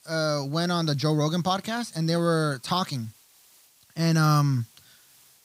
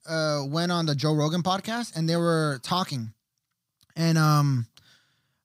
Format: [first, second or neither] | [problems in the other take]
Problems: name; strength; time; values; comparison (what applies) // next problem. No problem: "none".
second | hiss; faint; throughout; 30 dB below the speech